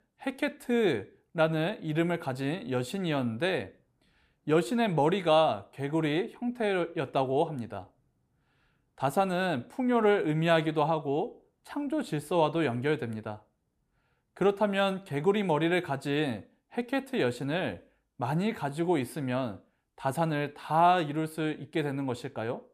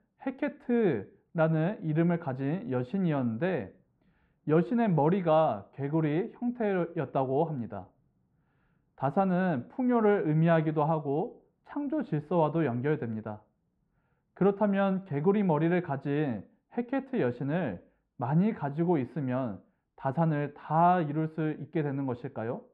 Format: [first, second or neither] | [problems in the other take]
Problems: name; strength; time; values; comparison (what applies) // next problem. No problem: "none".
first | muffled; very; fading above 1.5 kHz